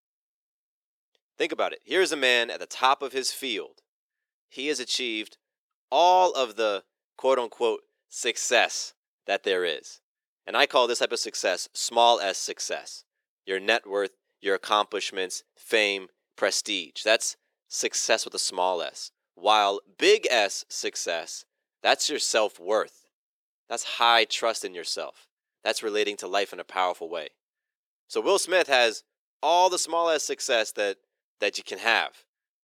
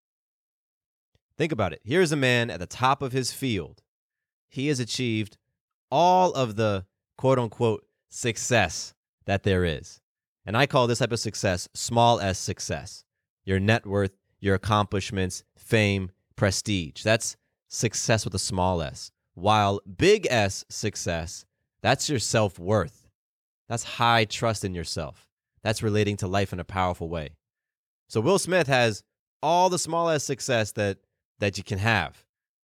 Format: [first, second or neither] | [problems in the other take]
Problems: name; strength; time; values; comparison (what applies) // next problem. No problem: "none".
second | thin; very; fading below 350 Hz